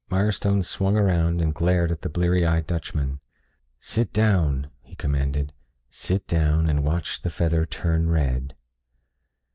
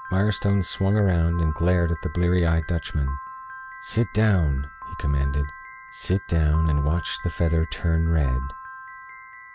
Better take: first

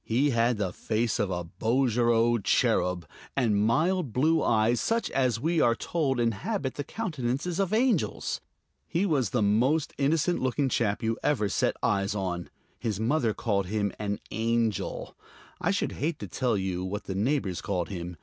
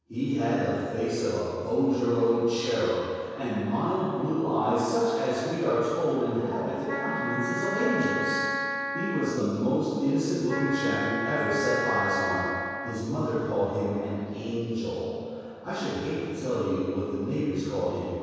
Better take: first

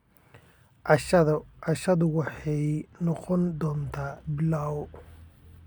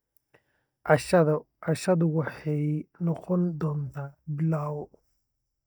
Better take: first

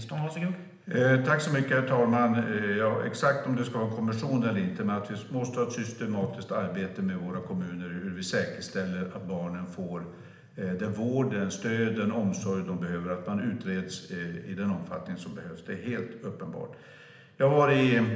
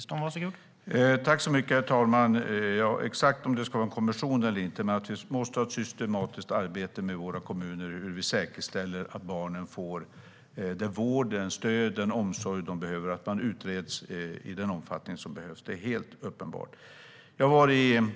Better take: second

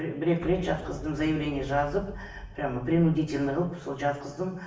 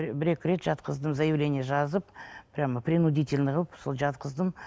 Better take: second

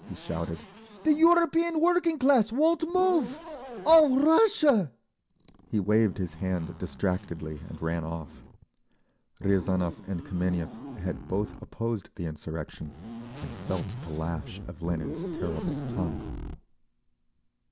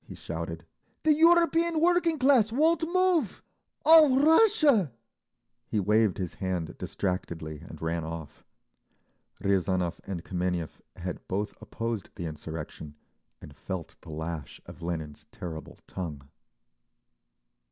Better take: second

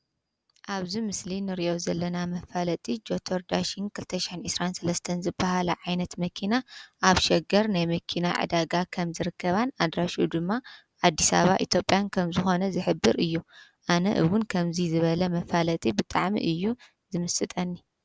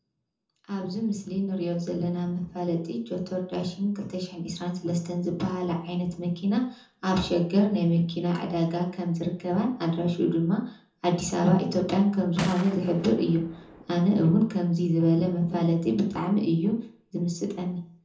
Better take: first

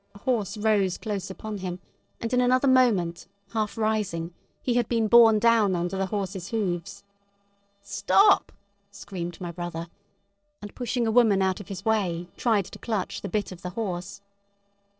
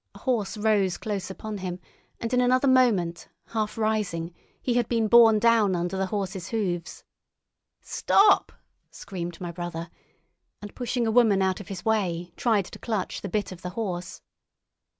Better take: second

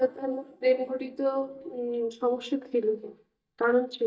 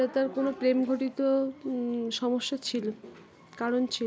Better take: second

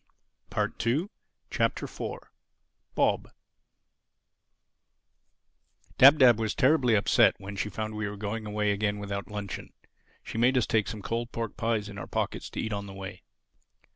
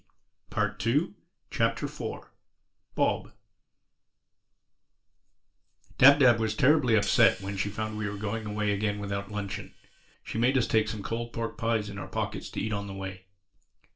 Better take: first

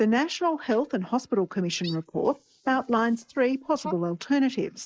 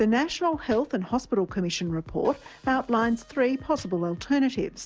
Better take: second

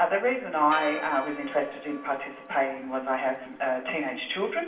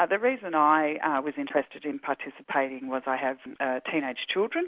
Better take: second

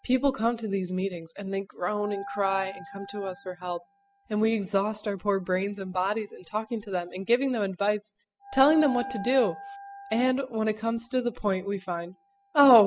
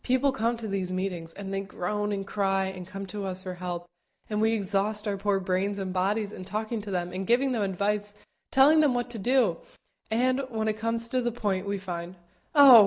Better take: second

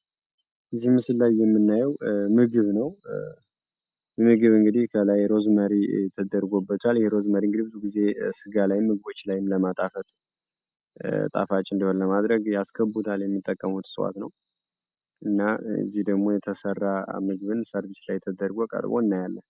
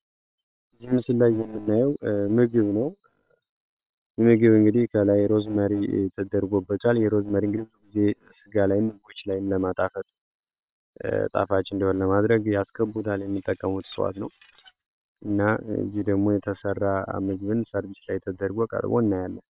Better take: first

